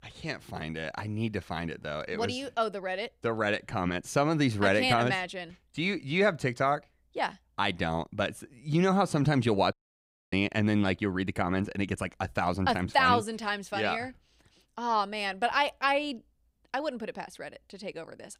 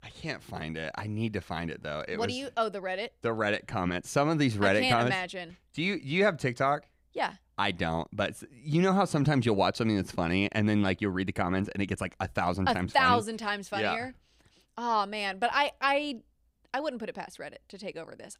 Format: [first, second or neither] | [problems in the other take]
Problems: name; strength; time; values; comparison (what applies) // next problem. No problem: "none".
second | audio cutting out; at 9.5 s for 0.5 s